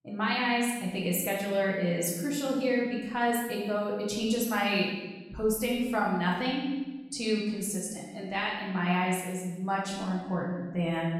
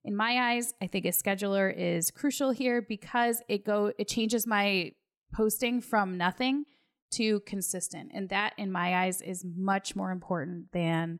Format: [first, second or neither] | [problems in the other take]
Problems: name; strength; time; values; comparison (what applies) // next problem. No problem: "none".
second | off-mic speech; far // room echo; noticeable; dies away in 1.1 s